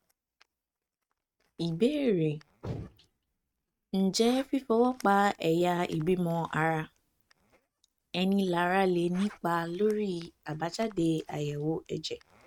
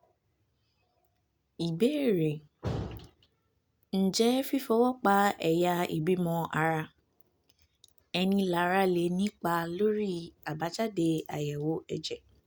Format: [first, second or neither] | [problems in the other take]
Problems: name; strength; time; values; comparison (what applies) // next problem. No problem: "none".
second | noise reduction (neural mask model RNNoise)